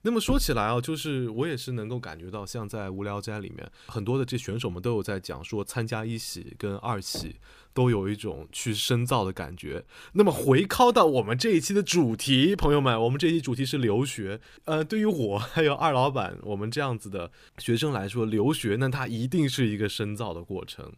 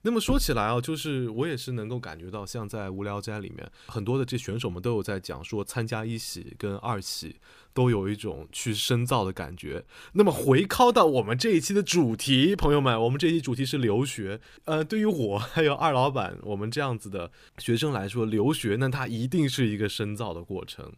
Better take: second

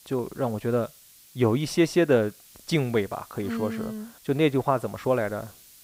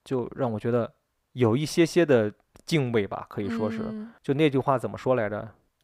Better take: second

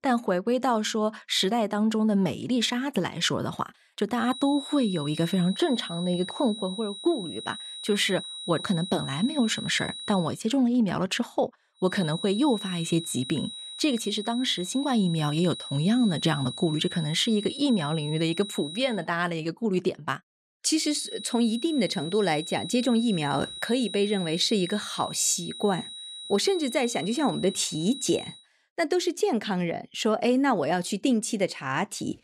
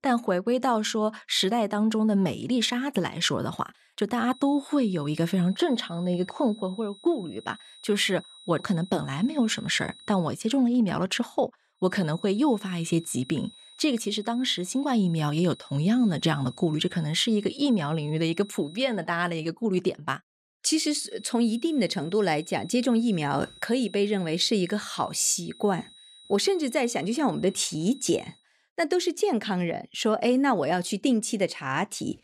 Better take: second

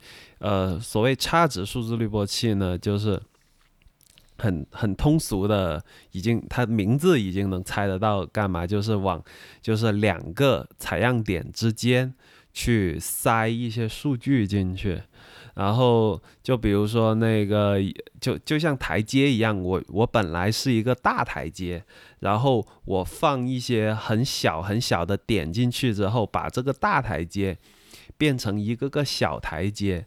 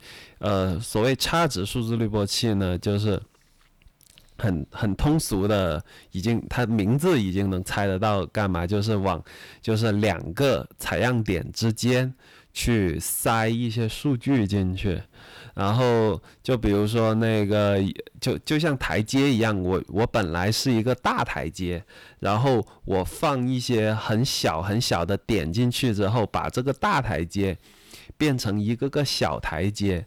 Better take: first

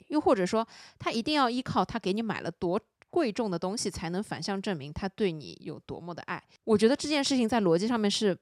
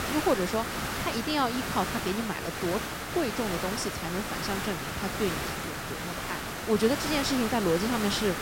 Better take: first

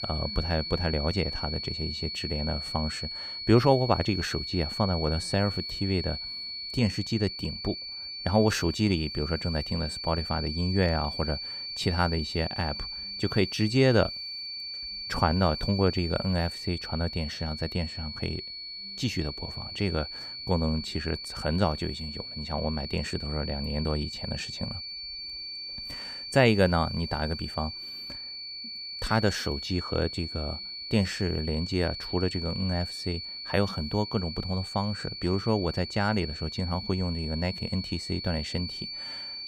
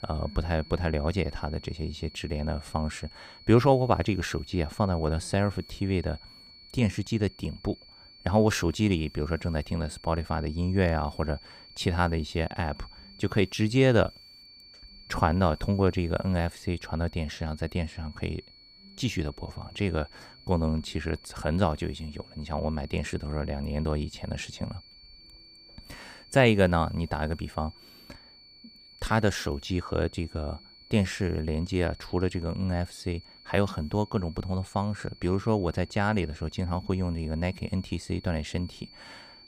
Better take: second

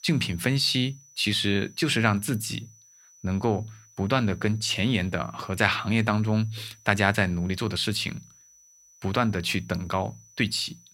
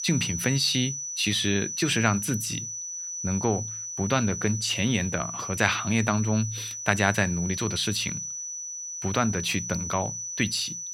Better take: first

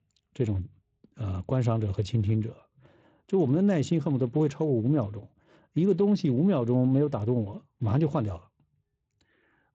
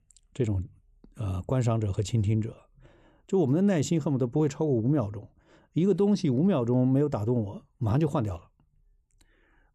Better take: second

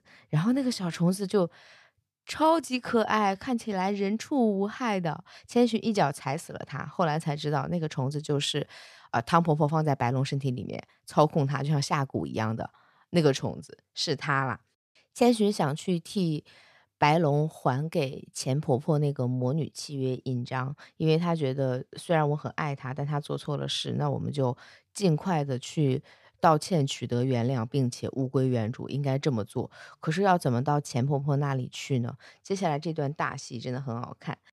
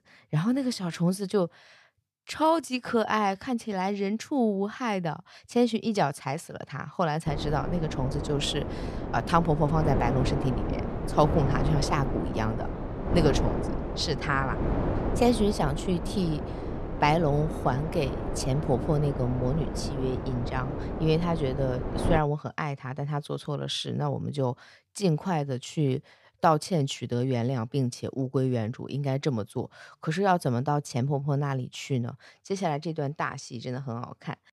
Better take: first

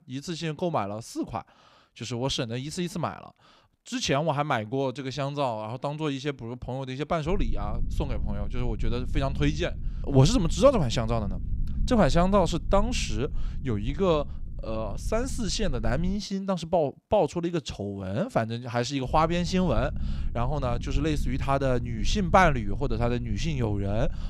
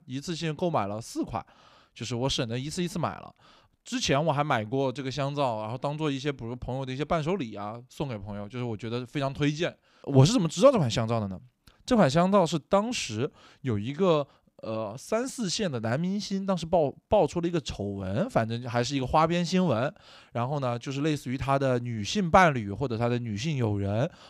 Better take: second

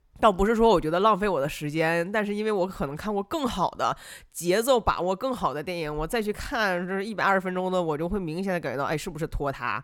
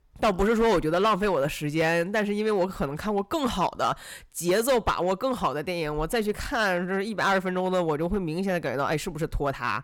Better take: first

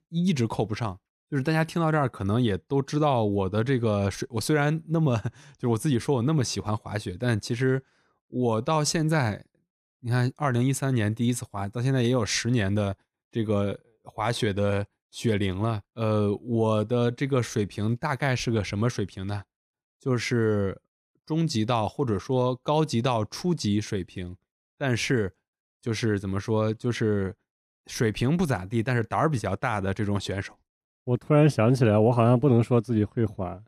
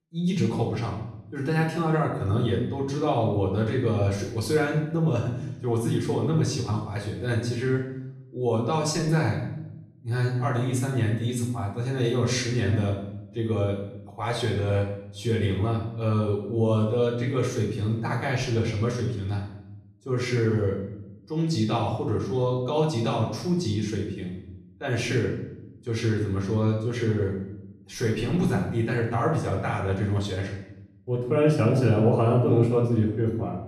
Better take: first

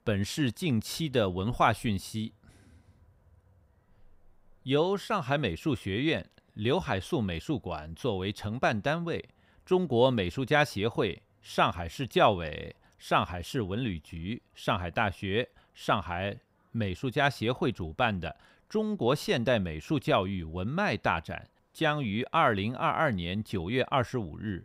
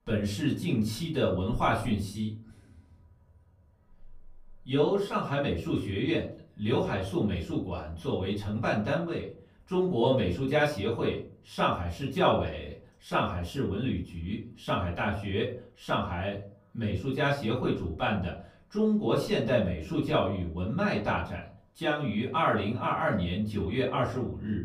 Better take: first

